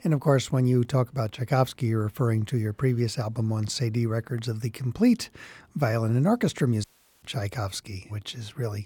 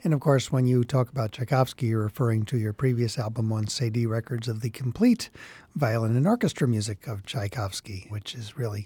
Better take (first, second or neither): second